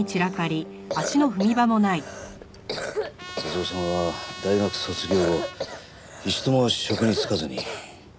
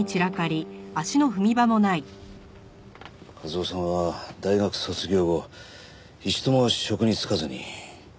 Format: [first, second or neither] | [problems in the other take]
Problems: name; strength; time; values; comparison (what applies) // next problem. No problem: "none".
second | background sound (Trumpet + Cough); 9 dB below the speech